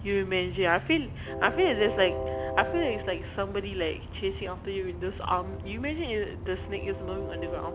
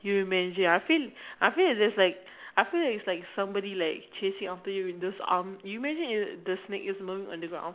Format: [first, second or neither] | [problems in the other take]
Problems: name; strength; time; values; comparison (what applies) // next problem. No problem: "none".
second | background sound (Train); 6 dB below the speech